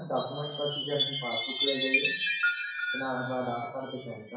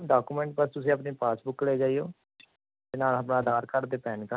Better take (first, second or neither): second